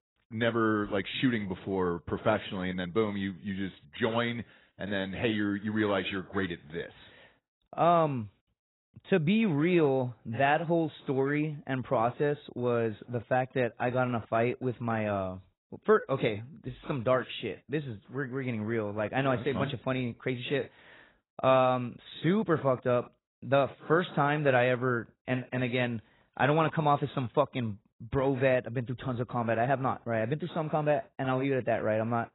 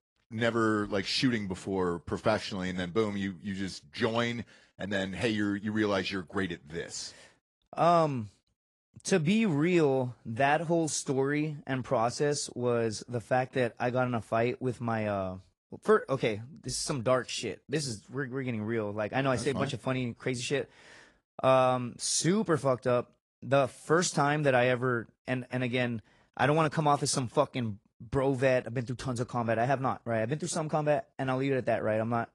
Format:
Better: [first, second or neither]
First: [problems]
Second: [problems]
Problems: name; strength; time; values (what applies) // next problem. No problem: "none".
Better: second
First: garbled, watery; badly; nothing above 4 kHz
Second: garbled, watery; slightly; nothing above 10 kHz